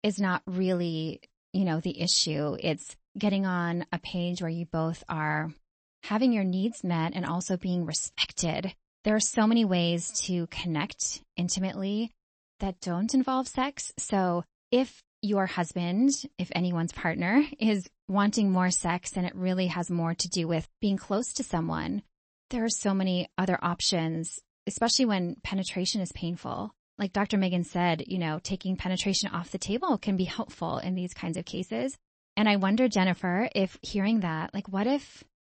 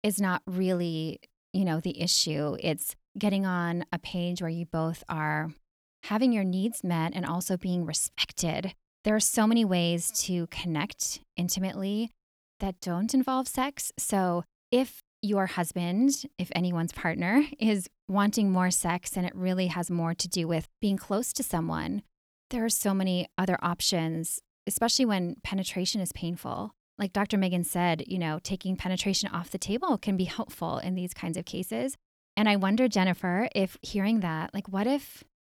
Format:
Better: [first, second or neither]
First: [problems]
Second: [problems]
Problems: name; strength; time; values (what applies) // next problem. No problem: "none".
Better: second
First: garbled, watery; slightly; nothing above 8 kHz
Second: none